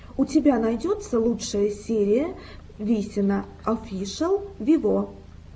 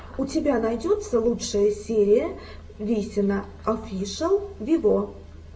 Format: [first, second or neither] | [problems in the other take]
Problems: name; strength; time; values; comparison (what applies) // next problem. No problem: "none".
first | room echo; dies away in 0.6 s